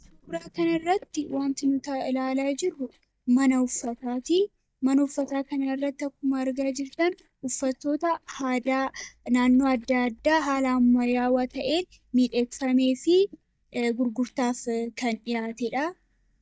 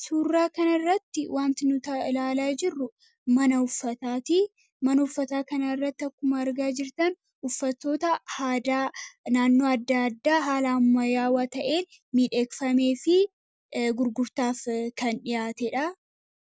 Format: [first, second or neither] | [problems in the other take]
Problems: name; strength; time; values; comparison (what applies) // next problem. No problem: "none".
second | noise reduction (neural mask model DeepFilterNet 3)